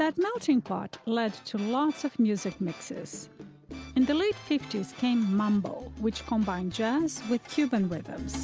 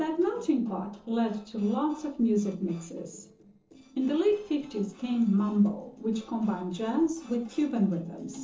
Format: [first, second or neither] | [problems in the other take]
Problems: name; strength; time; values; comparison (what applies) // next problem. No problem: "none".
first | noise reduction (neural separator model SepFormer DNS4)